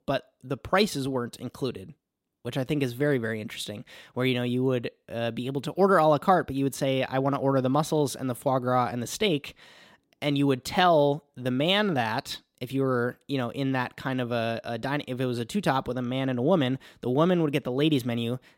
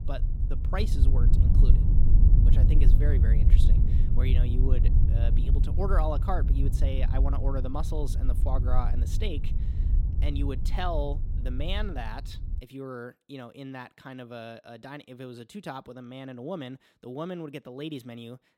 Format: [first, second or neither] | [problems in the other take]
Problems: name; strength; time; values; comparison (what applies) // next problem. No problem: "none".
first | low rumble; loud; until 13 s; 5 dB below the speech